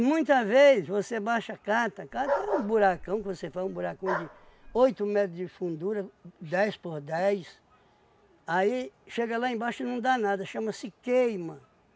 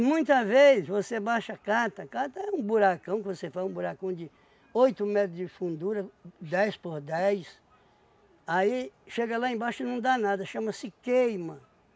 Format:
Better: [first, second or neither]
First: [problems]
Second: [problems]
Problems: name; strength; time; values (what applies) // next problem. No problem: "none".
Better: second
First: background sound (Bark); 8 dB below the speech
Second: none